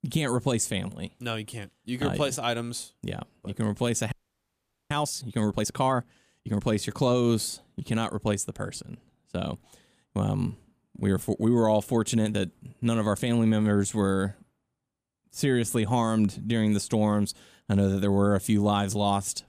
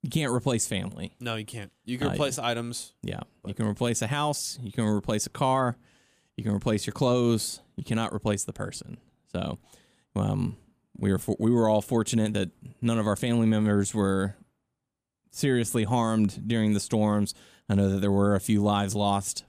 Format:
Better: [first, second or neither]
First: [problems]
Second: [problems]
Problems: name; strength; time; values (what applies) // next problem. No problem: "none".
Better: second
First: audio freezing; at 4 s for 1 s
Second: none